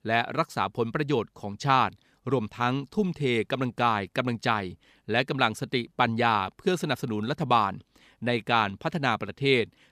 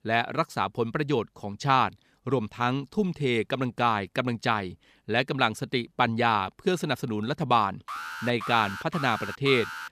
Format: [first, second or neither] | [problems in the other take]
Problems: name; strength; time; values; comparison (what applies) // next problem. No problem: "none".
first | alarm; noticeable; from 8 s on; peak 8 dB below the speech